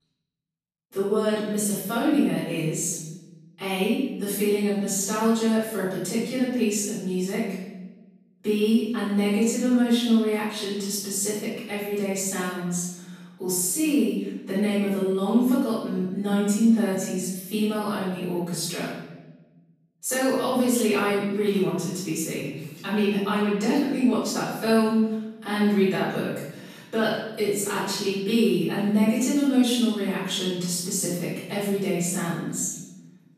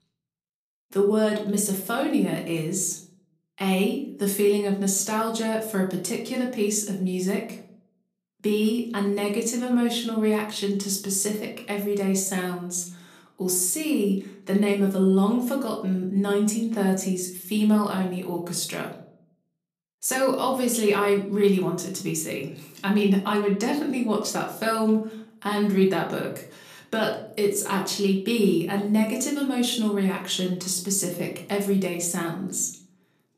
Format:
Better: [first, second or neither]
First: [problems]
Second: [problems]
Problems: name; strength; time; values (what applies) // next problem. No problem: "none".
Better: second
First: room echo; strong; dies away in 1 s // off-mic speech; far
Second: room echo; slight; dies away in 0.5 s // off-mic speech; somewhat distant